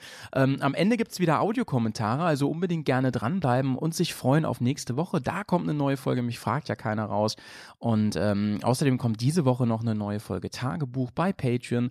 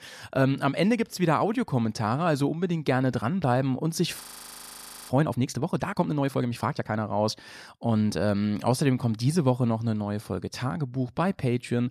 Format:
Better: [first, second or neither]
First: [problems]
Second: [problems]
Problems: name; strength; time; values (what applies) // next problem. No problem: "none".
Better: first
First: none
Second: audio freezing; at 4 s for 1 s